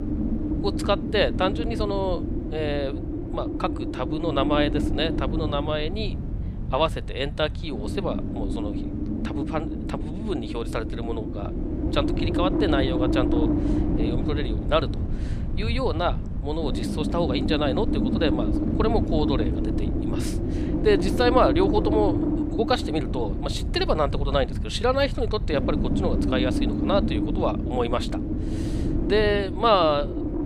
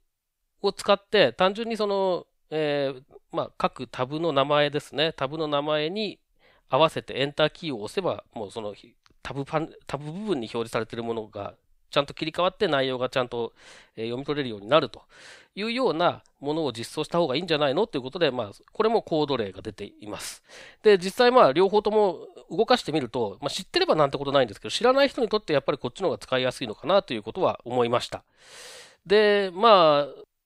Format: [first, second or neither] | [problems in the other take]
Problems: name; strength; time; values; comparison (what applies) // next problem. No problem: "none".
second | wind noise on the microphone; heavy; 6 dB below the speech